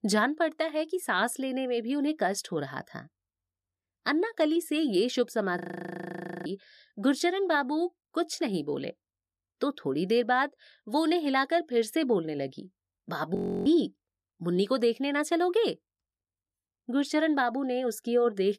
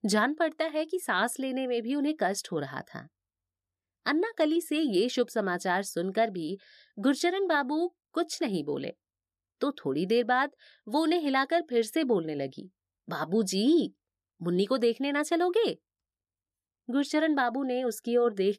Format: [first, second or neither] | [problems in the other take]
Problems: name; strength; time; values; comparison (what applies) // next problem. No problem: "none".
second | audio freezing; at 5.5 s for 1 s and at 13 s